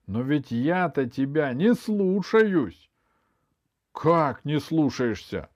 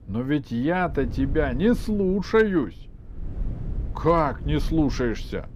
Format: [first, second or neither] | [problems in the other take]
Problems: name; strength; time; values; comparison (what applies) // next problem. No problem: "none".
first | wind noise on the microphone; occasional gusts; 20 dB below the speech